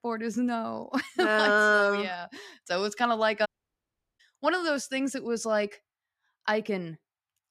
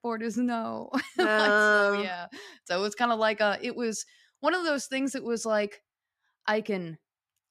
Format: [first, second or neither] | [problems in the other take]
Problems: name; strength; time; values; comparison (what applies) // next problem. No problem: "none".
second | audio cutting out; at 3.5 s for 0.5 s